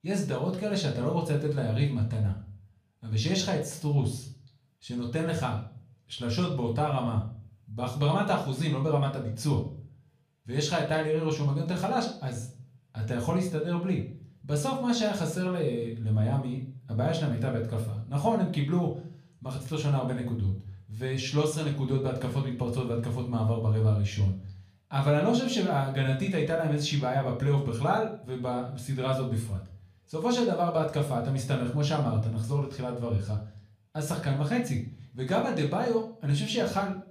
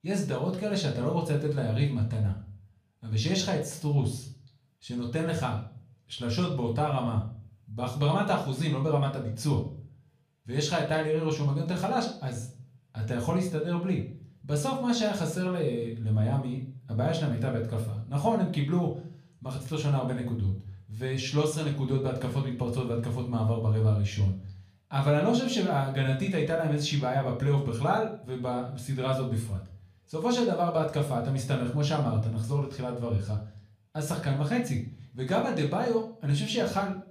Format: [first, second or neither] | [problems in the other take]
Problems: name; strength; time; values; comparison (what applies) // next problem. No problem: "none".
neither | room echo; slight; dies away in 0.4 s; the same in both // off-mic speech; somewhat distant; the same in both